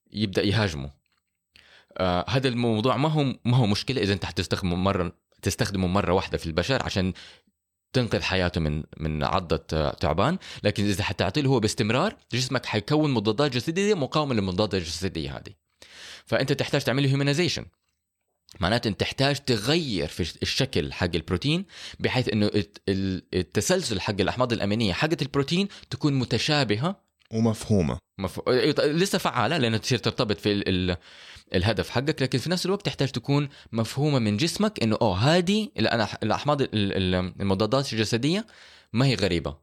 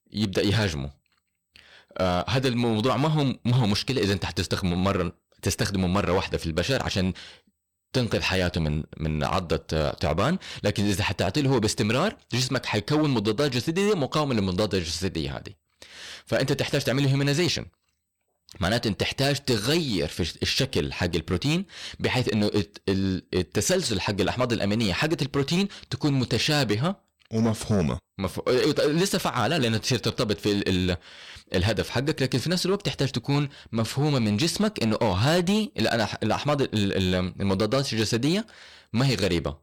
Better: first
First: none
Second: distortion; slight; 7% of the sound clipped

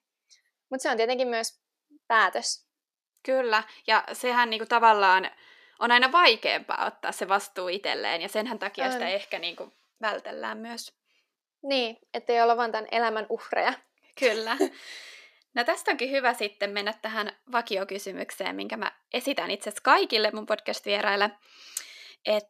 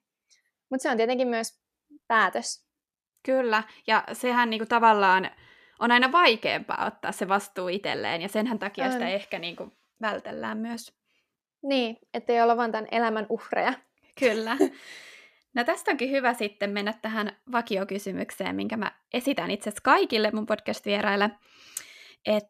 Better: second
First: thin; very slightly; fading below 350 Hz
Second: none

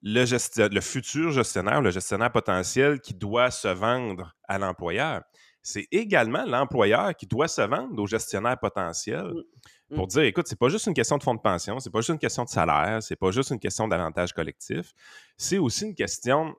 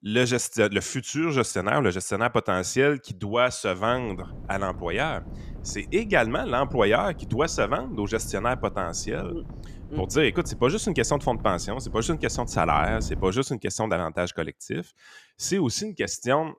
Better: first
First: none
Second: wind noise on the microphone; occasional gusts; from 4 to 13 s; 25 dB below the speech

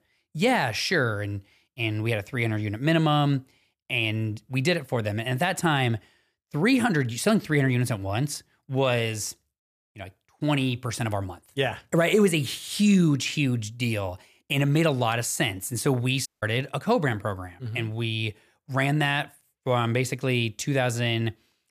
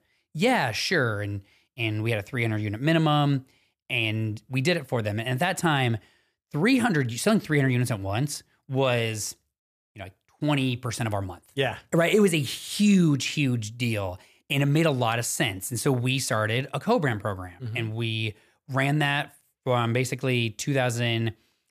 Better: second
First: audio cutting out; at 16 s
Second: none

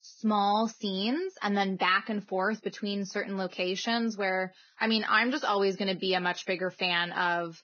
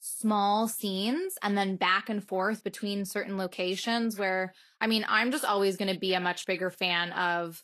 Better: second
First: garbled, watery; badly; nothing above 6.5 kHz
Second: garbled, watery; slightly; nothing above 12.5 kHz

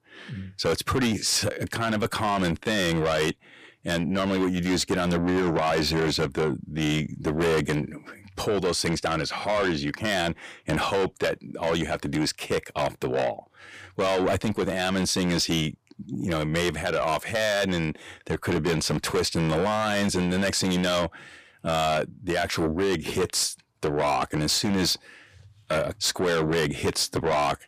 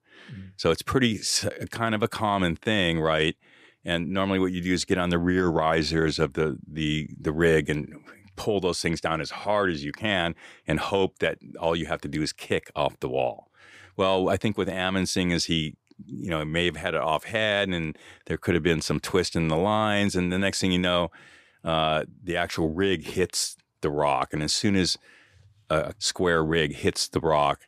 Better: second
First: distortion; heavy; 6 dB below the speech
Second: none

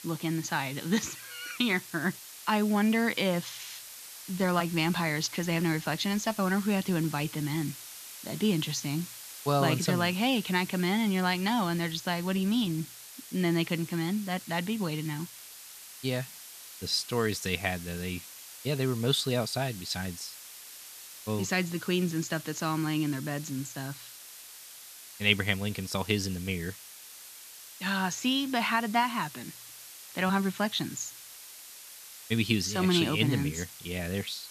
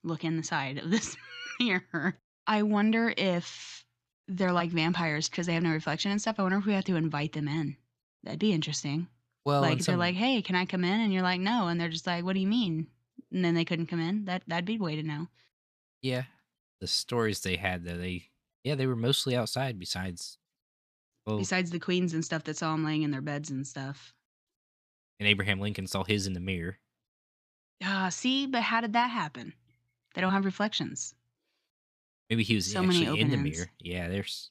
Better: second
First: hiss; noticeable; throughout; 15 dB below the speech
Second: none

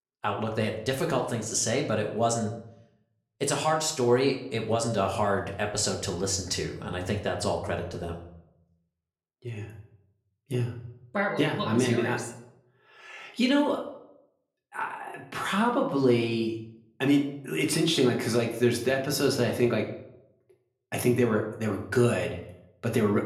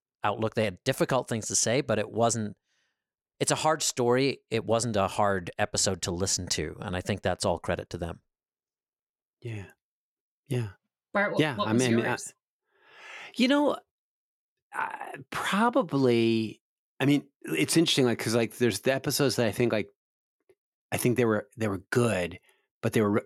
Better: second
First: room echo; slight; dies away in 0.6 s // off-mic speech; somewhat distant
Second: none

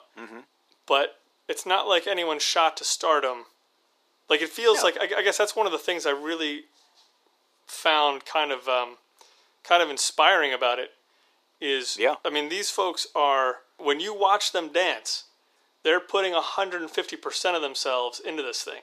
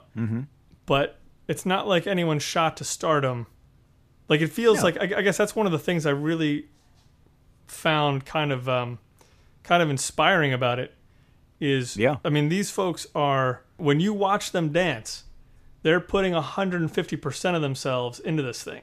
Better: second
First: thin; very; fading below 350 Hz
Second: none

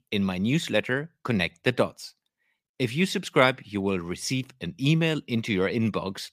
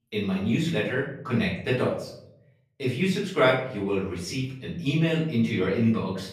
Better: first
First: none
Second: off-mic speech; far // room echo; noticeable; dies away in 0.7 s

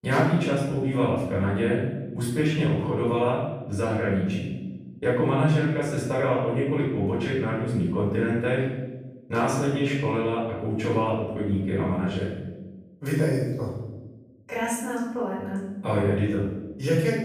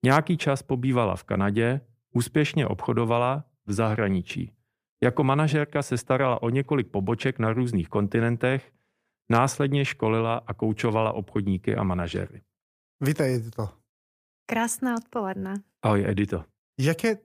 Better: second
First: room echo; noticeable; dies away in 1 s // off-mic speech; far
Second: none

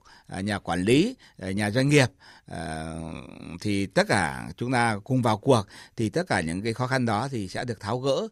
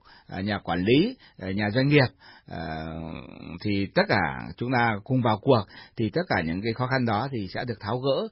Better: first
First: none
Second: garbled, watery; badly; nothing above 5.5 kHz

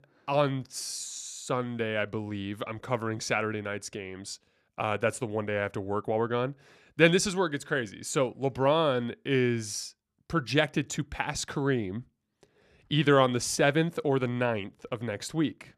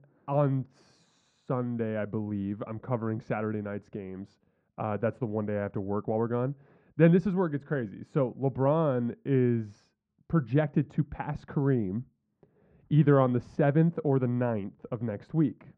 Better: first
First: none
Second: muffled; very; fading above 1 kHz

